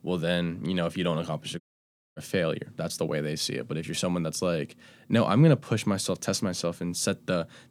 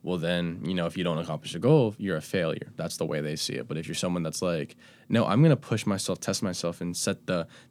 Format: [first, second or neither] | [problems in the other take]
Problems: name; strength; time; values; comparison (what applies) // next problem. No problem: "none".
second | audio cutting out; at 1.5 s for 0.5 s